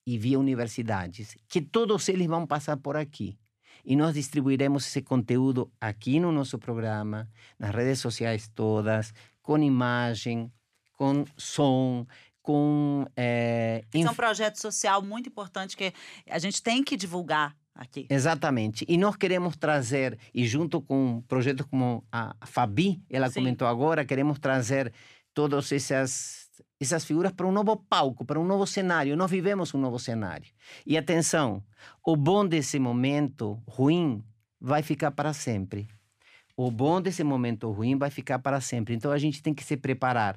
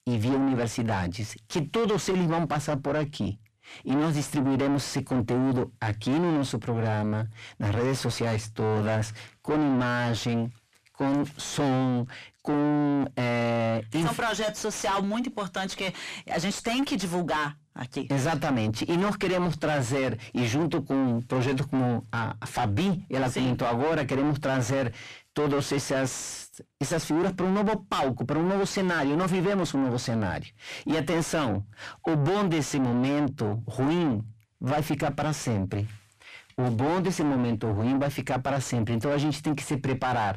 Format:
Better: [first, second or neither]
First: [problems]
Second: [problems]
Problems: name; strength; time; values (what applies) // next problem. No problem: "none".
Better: first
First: none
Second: distortion; heavy; 5 dB below the speech